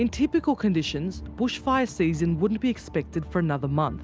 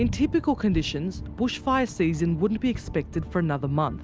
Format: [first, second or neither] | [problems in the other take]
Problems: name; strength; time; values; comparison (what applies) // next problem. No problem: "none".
first | background sound (Thunder); 12 dB below the speech